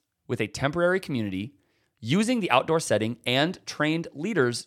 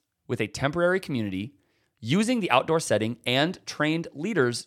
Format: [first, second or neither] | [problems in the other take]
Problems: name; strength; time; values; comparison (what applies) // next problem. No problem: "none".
neither | none